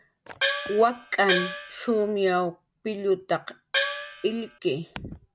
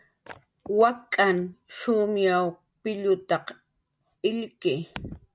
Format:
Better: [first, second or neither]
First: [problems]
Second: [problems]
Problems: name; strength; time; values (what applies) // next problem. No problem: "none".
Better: second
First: background sound (Gong); 3 dB below the speech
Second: none